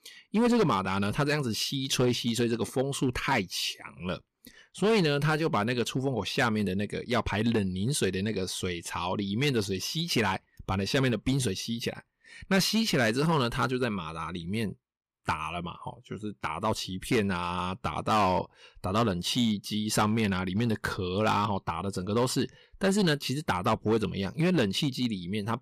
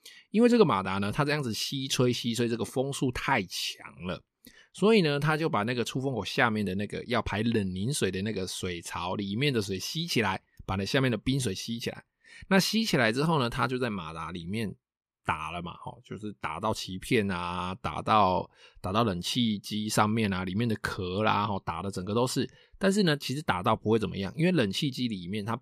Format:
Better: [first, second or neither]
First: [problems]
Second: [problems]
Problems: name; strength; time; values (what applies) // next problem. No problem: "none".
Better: second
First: distortion; slight; 4% of the sound clipped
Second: none